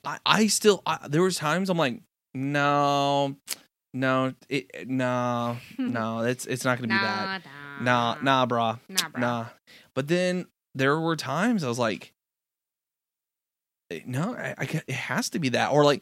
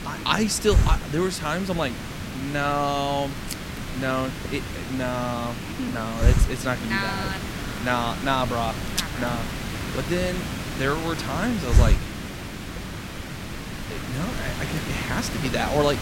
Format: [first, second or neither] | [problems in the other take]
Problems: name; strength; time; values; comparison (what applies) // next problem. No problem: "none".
first | hiss; loud; throughout; 2 dB below the speech